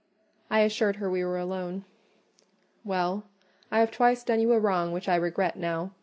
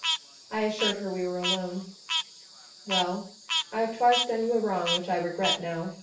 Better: first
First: none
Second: background sound (Frog); 4 dB below the speech // room echo; dies away in 0.4 s

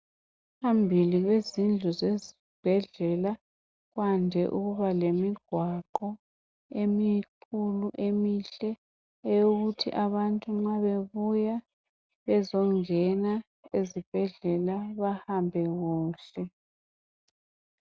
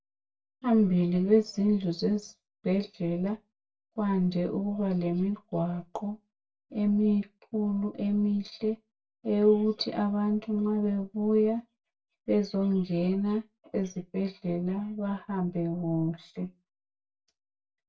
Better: first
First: none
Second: room echo; dies away in 0.1 s

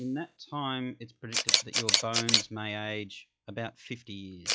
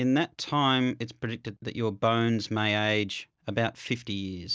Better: second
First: noise reduction (classical method log-MMSE)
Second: none

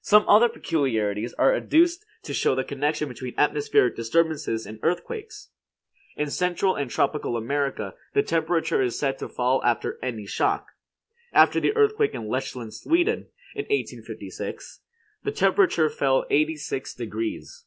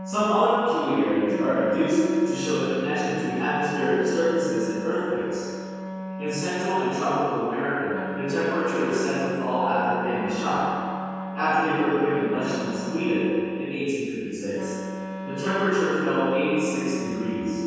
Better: first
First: none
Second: background sound (Wind instrument, woodwind instrument); 9 dB below the speech // room echo; dies away in 2.1 s

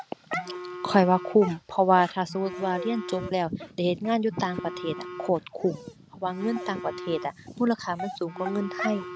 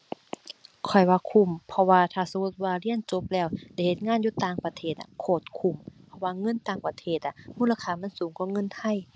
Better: second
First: background sound (Telephone + Dog); 11 dB below the speech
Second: none

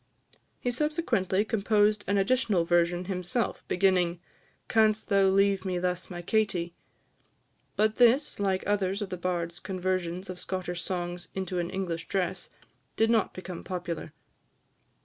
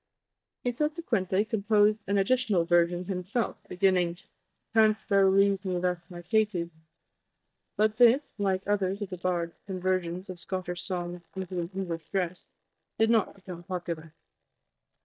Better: first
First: none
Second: noise reduction (neural mask model DeepFilterNet 3)

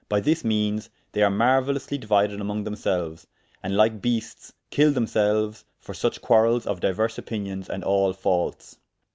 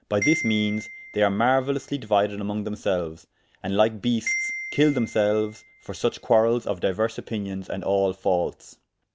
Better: first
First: none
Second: background sound (Marimba, xylophone); 12 dB below the speech

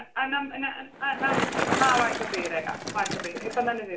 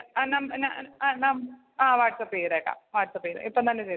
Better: second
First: background sound (Bicycle); 2 dB below the speech // room echo; dies away in 0.3 s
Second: none

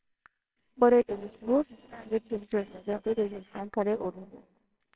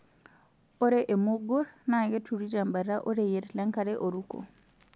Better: second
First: noise reduction (neural separator model SepFormer WHAMR!)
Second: none

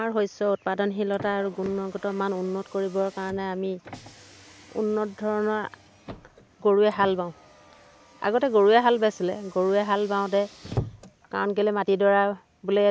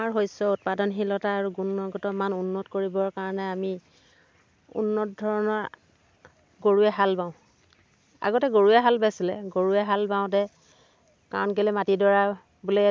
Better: second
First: background sound (Car); 18 dB below the speech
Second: none

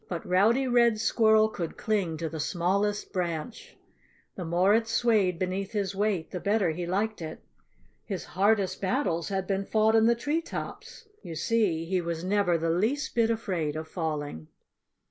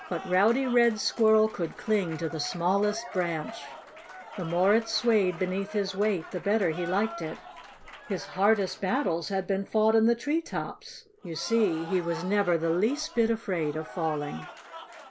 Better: first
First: none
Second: background sound (Applause / Cheering); 16 dB below the speech

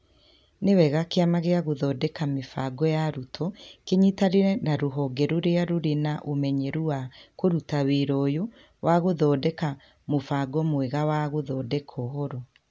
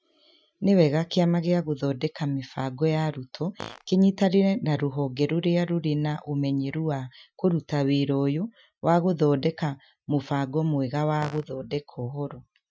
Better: first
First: none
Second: noise reduction (classical method Wiener filter)

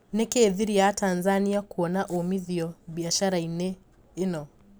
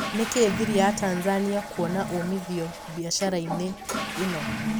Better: first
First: none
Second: background sound (Toilet flush / Water); 5 dB below the speech

